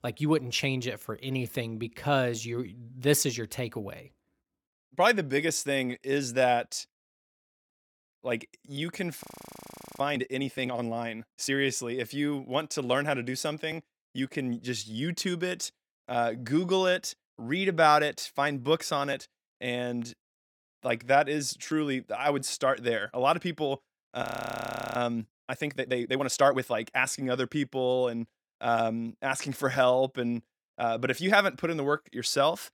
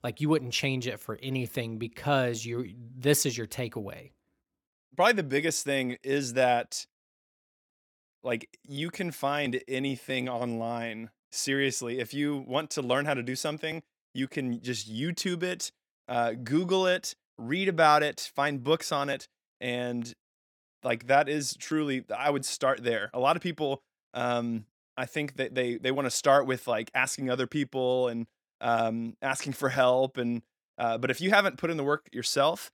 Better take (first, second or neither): second